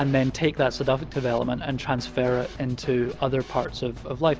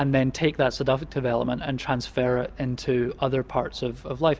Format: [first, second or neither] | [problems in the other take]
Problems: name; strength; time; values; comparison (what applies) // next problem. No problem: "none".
second | background sound (Snare drum / Drum kit); 16 dB below the speech